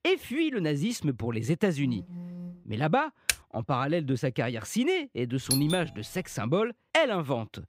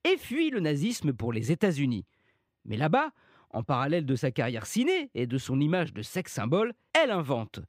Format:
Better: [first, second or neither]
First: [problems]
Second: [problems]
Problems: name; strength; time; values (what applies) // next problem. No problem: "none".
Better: second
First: phone ringing; faint; at 2 s; peak 10 dB below the speech // keyboard typing; very faint; at 3.5 s; peak 1 dB below the speech // doorbell; noticeable; at 5.5 s; peak level with the speech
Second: none